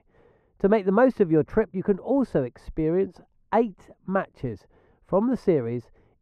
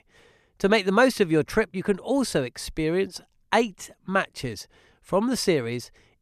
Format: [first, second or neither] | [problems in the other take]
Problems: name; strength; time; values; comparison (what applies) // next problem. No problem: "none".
second | muffled; very; fading above 2 kHz